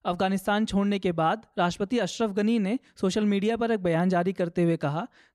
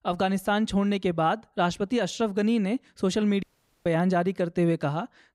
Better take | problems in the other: first | audio cutting out; at 3.5 s

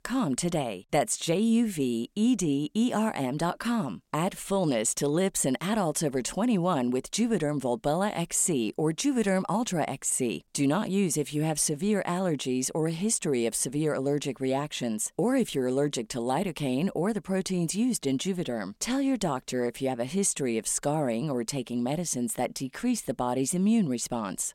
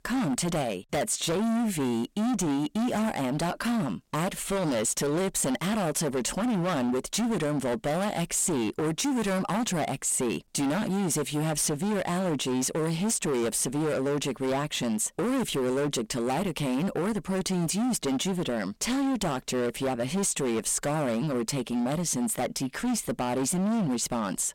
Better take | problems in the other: first | distortion; heavy; 31% of the sound clipped

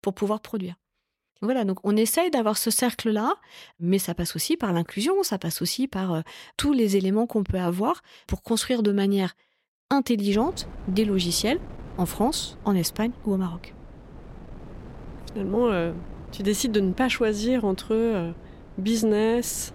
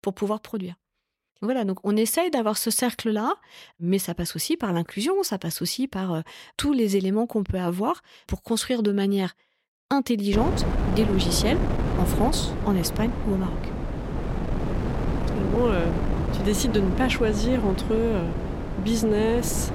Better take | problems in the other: first | wind noise on the microphone; heavy; from 10 s on; 5 dB below the speech; occasional gusts in the first

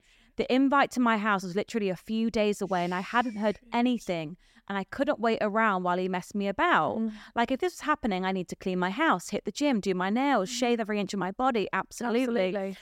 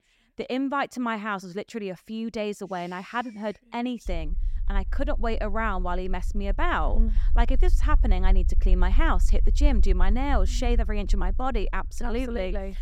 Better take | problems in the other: first | low rumble; faint; from 4 s on; 20 dB below the speech

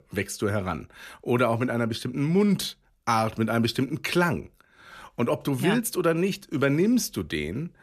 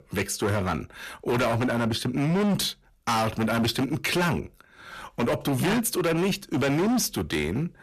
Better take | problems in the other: first | distortion; heavy; 20% of the sound clipped

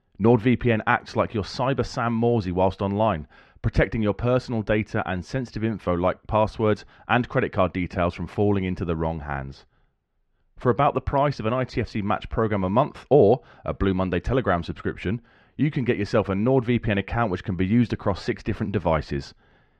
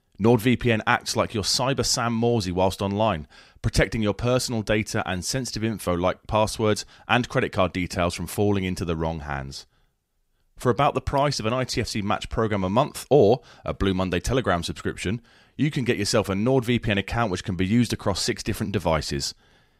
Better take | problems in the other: second | muffled; very; fading above 2 kHz

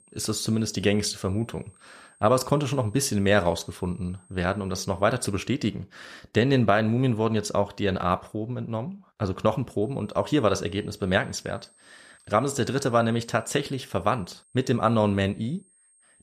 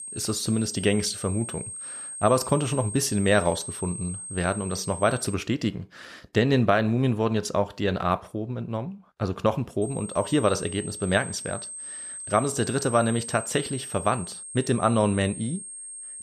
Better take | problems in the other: first | high-pitched whine; loud; until 5.5 s and from 10 s on; 8.5 kHz, 9 dB below the speech; faint in the first

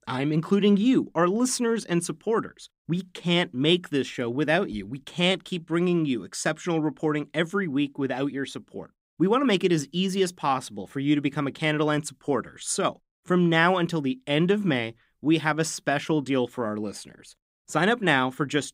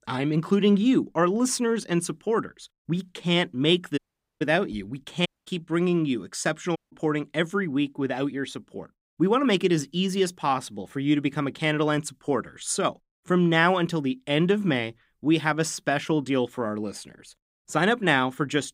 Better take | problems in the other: first | audio cutting out; at 4 s, at 5.5 s and at 7 s

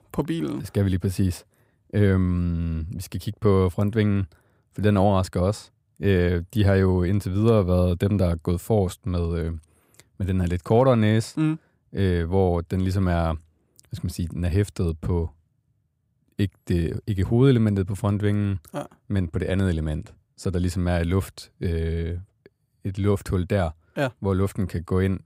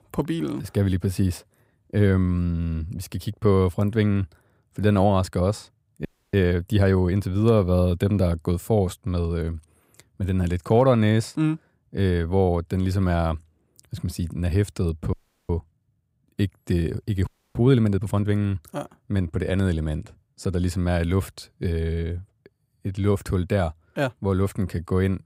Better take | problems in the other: first | audio freezing; at 6 s, at 15 s and at 17 s

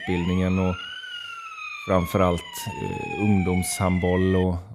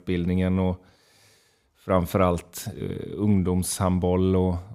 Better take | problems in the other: second | siren; noticeable; peak 8 dB below the speech

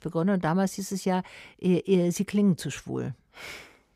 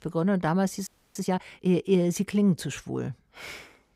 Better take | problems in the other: first | audio freezing; at 1 s

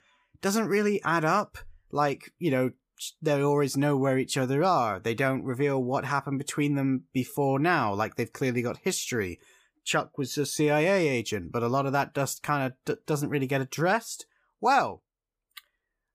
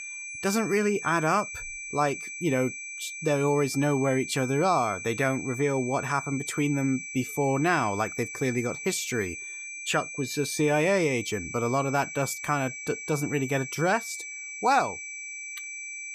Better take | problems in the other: first | high-pitched whine; loud; throughout; 2.5 kHz, 9 dB below the speech

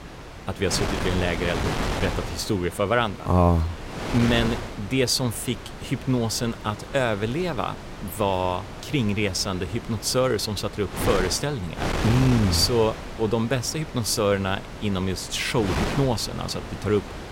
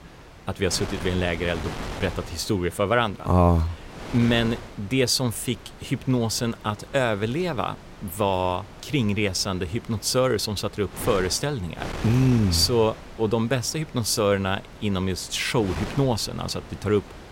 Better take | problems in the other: second | wind noise on the microphone; heavy; 7 dB below the speech; occasional gusts in the second

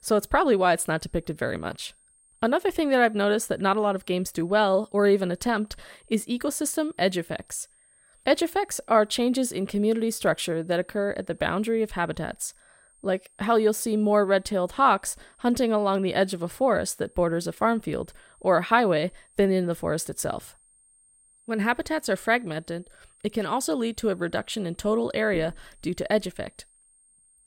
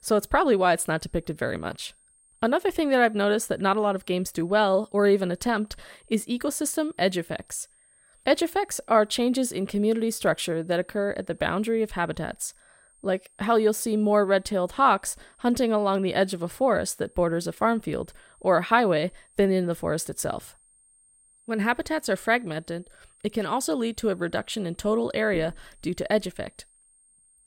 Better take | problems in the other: neither | high-pitched whine; faint; throughout; 8.5 kHz, 30 dB below the speech; the same in both

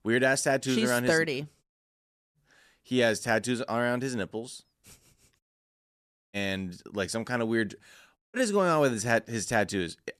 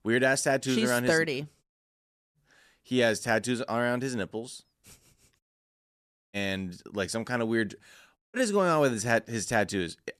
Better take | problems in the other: neither | audio cutting out; at 1.5 s for 0.5 s, at 5.5 s for 1 s and at 8 s; the same in both

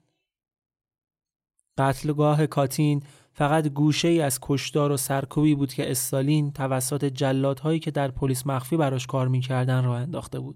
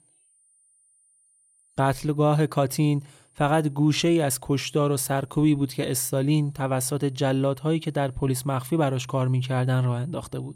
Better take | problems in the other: first | high-pitched whine; faint; throughout; 9 kHz, 35 dB below the speech

